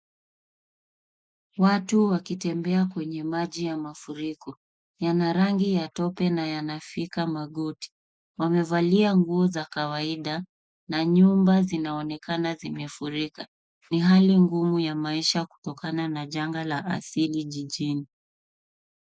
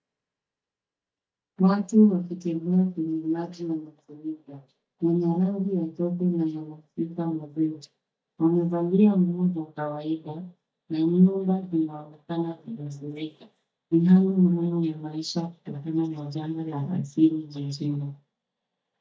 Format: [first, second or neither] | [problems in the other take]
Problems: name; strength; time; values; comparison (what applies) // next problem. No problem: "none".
first | noise reduction (neural mask model DeepFilterNet 3)